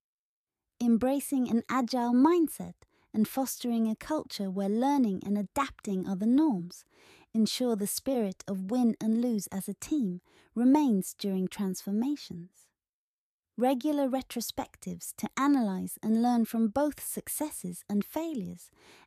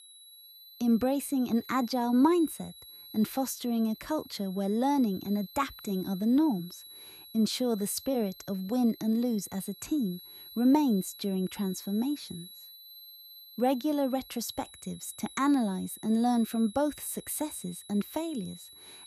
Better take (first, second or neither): first